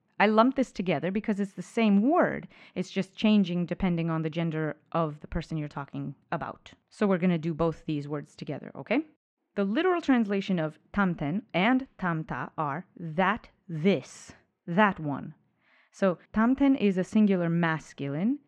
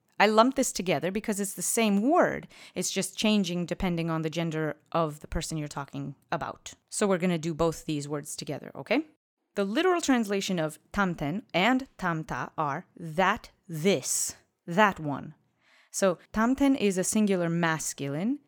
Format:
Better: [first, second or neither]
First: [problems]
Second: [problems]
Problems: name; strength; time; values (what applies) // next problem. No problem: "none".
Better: second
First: muffled; very; fading above 2.5 kHz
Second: none